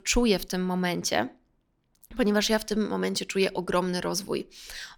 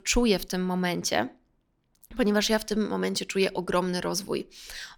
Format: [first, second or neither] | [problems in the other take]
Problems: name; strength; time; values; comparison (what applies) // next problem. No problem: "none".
neither | none